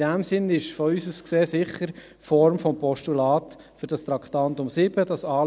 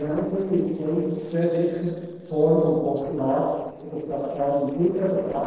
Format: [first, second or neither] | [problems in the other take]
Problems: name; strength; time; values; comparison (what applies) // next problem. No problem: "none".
first | noise reduction (neural separator model SepFormer DNS4)